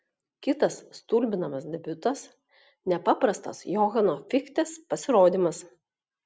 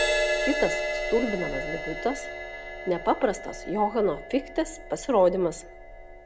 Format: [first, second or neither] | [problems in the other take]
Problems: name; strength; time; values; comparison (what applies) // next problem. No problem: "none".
first | background sound (Crash cymbal); 4 dB below the speech